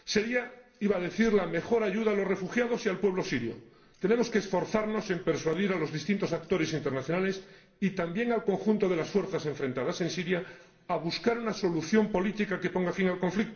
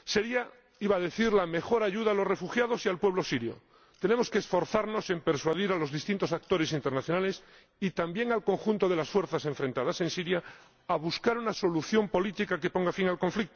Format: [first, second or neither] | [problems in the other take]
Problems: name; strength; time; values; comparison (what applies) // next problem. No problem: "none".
second | room echo; dies away in 0.6 s